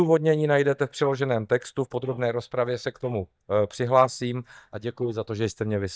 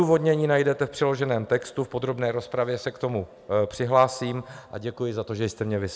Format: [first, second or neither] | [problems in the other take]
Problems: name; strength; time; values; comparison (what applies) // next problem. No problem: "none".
second | noise reduction (neural mask model DeepFilterNet 3)